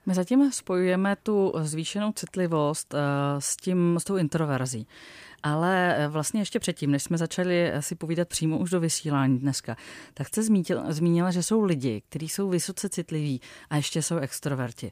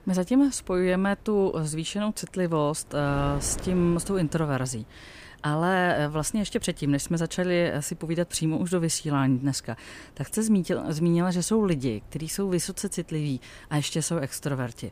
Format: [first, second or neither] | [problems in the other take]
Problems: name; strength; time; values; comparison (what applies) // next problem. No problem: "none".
first | wind noise on the microphone; occasional gusts; 25 dB below the speech